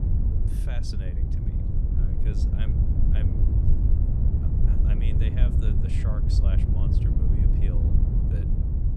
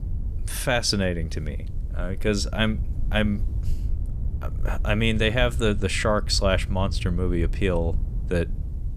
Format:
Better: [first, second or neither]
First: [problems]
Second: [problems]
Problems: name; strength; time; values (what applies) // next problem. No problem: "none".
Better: second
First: wind noise on the microphone; heavy; 5 dB above the speech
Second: wind noise on the microphone; occasional gusts; 20 dB below the speech